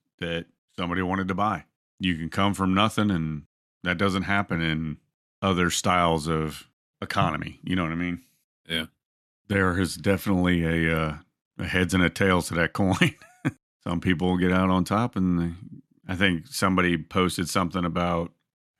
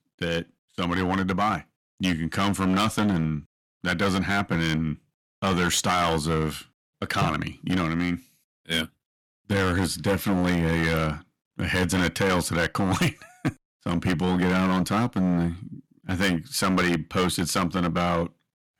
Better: first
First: none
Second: distortion; heavy; 9% of the sound clipped

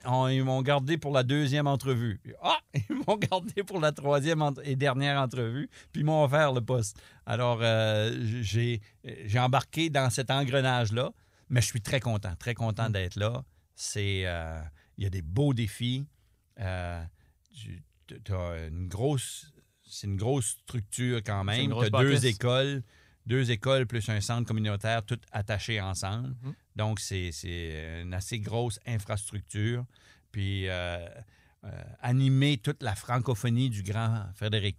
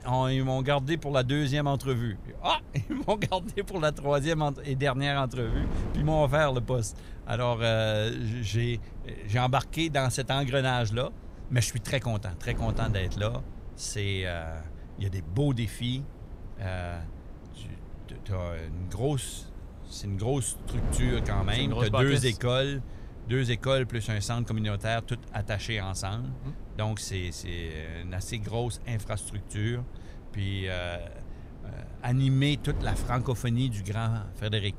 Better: first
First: none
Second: wind noise on the microphone; occasional gusts; 20 dB below the speech

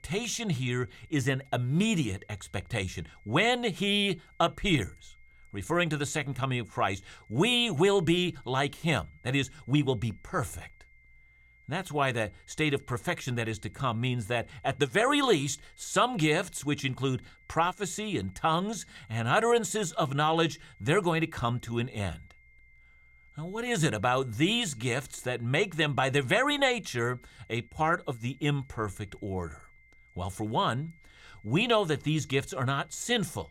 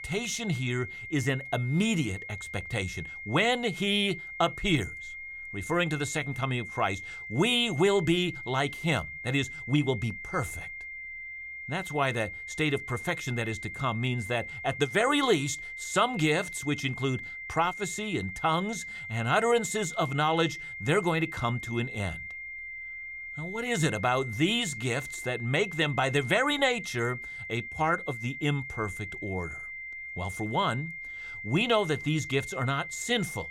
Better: first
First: high-pitched whine; faint; throughout; 2 kHz, 30 dB below the speech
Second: high-pitched whine; loud; throughout; 2 kHz, 9 dB below the speech

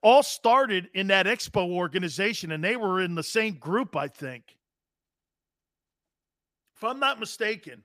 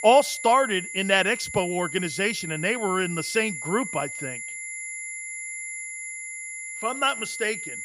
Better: first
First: none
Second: high-pitched whine; loud; throughout; 2 kHz, 8 dB below the speech

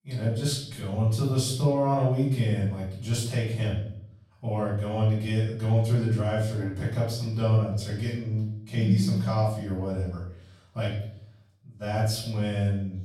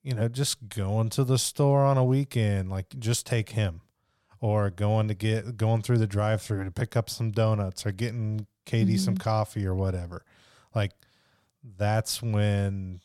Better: second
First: off-mic speech; far // room echo; noticeable; dies away in 0.6 s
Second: none

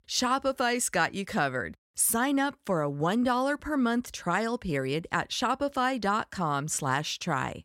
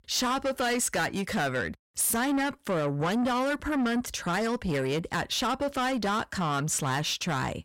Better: first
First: none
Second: distortion; heavy; 8 dB below the speech

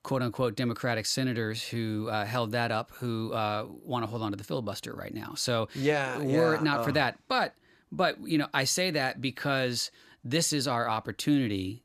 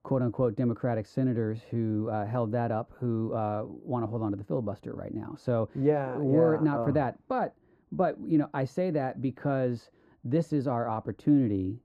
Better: first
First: none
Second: muffled; very; fading above 1.5 kHz

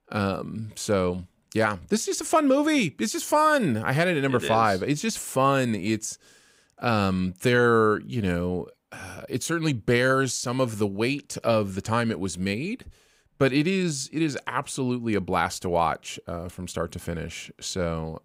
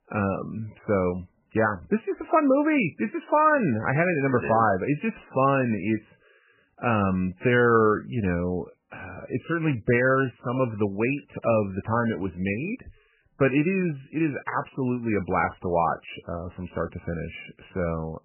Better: first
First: none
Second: garbled, watery; badly; nothing above 2.5 kHz

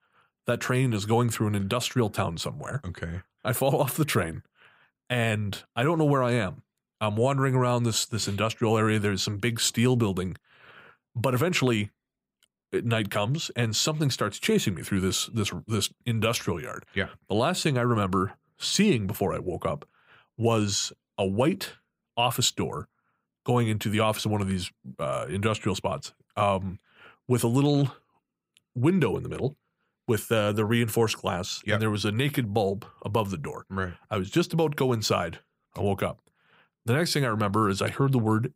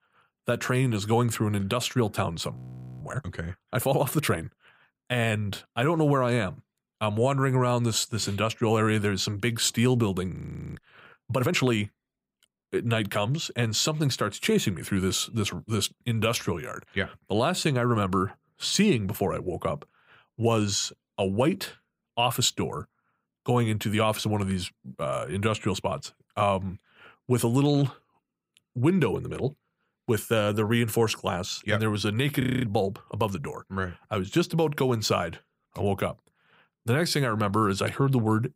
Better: first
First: none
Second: audio freezing; at 2.5 s, at 10 s and at 32 s

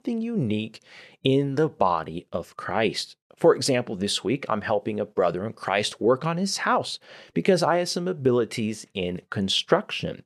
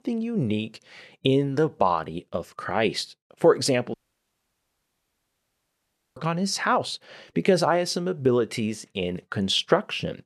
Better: first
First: none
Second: audio cutting out; at 4 s for 2 s

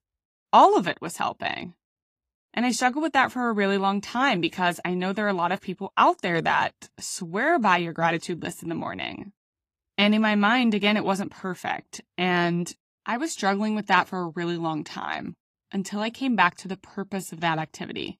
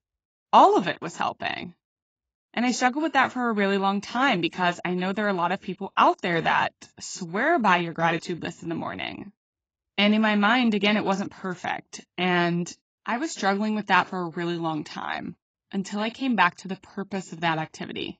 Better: first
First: garbled, watery; slightly; nothing above 15.5 kHz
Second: garbled, watery; badly; nothing above 7.5 kHz

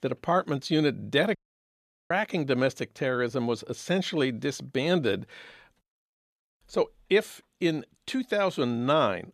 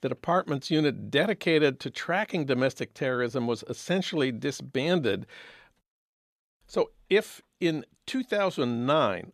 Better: second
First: audio cutting out; at 1.5 s for 1 s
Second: none

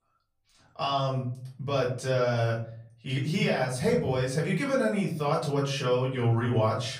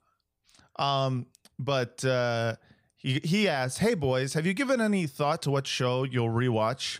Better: second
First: room echo; slight; dies away in 0.5 s // off-mic speech; far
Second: none

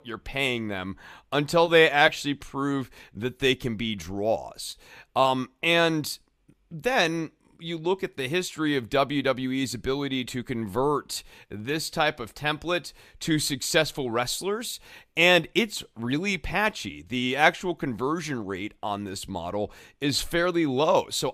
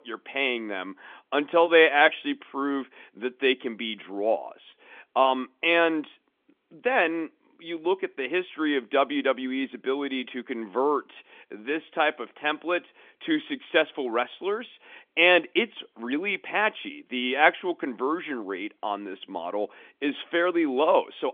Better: first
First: none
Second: phone-call audio; nothing above 3.5 kHz

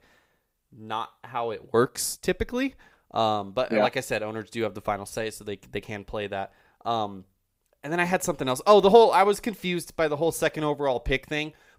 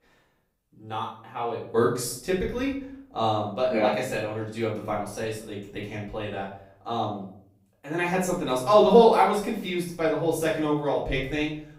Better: first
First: none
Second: off-mic speech; far // room echo; noticeable; dies away in 0.6 s

